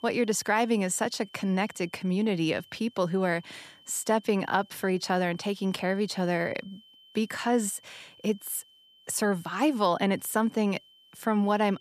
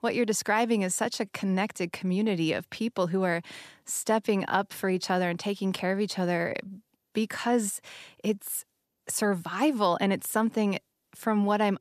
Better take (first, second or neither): second